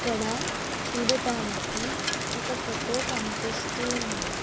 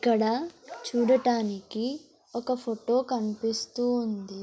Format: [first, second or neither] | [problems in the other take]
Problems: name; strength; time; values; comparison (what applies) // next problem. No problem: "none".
second | background sound (Rain); 3 dB above the speech